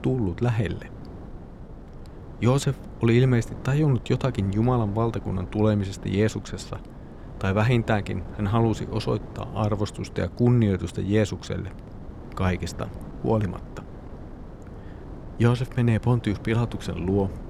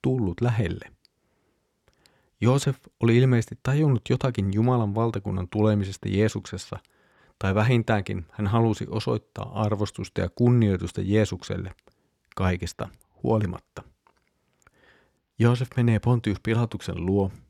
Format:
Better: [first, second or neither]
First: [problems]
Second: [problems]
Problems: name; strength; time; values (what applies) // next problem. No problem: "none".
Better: second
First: wind noise on the microphone; occasional gusts; 15 dB below the speech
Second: none